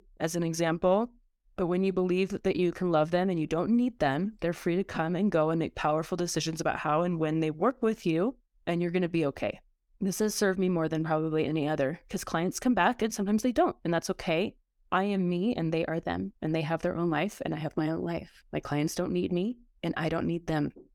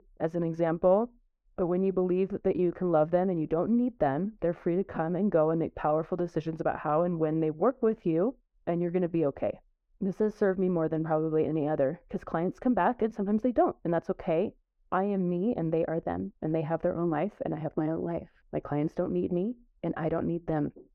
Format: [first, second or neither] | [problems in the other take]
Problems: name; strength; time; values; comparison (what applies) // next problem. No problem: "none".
first | muffled; very; fading above 3.5 kHz